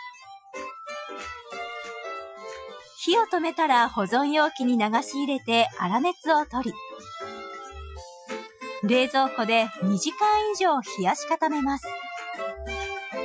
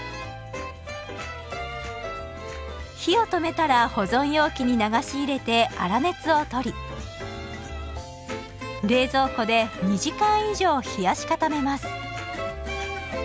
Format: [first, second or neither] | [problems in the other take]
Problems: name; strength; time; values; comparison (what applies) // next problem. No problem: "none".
second | noise reduction (classical method Wiener filter)